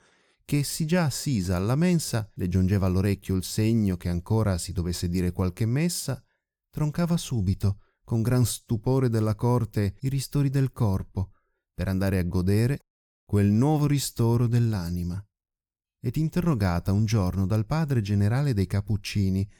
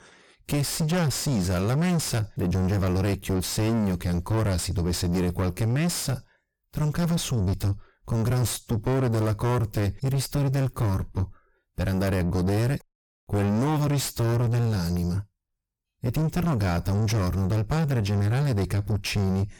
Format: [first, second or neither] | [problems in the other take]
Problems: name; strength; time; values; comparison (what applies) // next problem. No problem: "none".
first | distortion; heavy; 4 dB below the speech